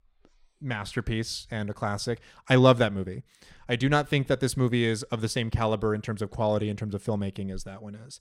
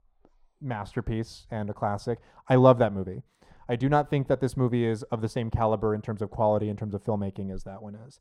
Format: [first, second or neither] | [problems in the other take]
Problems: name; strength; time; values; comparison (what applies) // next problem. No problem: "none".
first | muffled; slightly; fading above 1.5 kHz